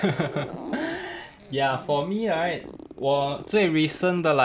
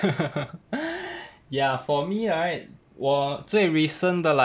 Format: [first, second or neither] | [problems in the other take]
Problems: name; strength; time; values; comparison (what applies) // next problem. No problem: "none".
second | background sound (Zipper (clothing)); 16 dB below the speech